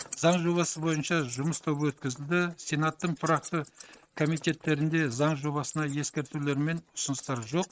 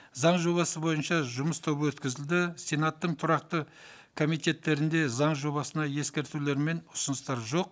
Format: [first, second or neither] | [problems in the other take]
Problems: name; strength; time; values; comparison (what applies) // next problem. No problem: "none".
second | noise reduction (neural mask model RNNoise)